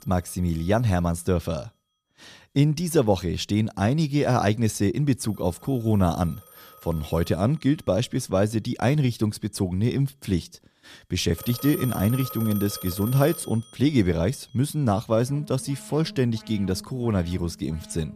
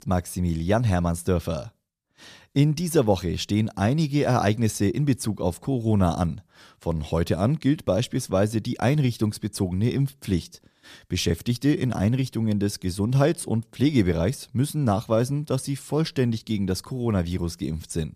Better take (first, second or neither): second